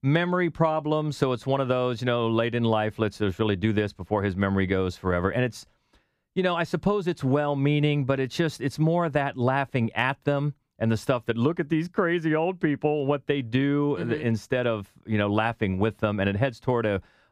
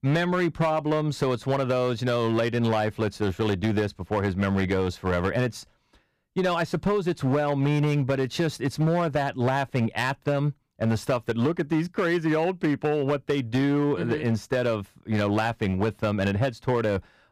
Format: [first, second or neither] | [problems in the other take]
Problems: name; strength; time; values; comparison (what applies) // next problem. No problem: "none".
first | distortion; slight; 8% of the sound clipped